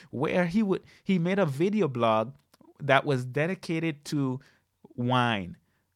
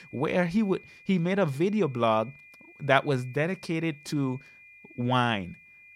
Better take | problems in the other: first | high-pitched whine; faint; throughout; 2.5 kHz, 25 dB below the speech

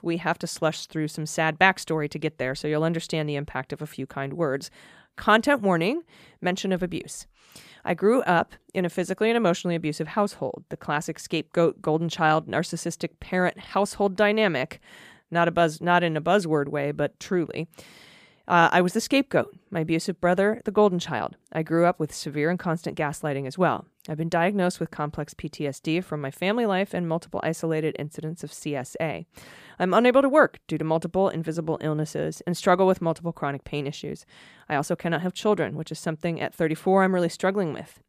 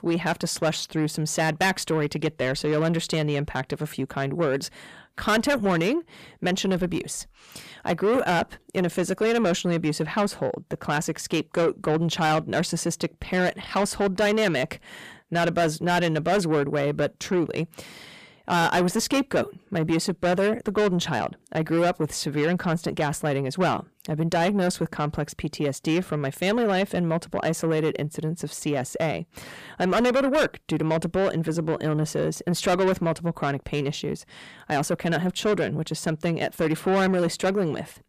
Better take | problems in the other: first | distortion; heavy; 7 dB below the speech

